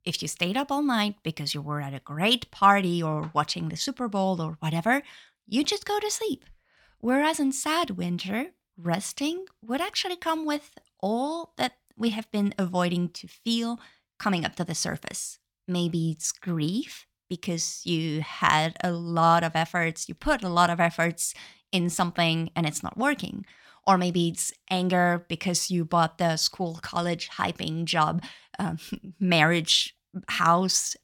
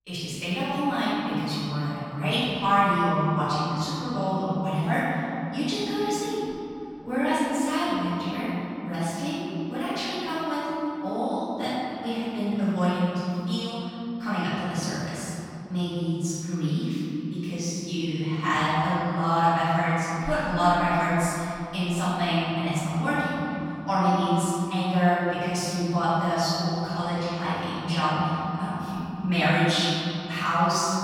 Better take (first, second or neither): first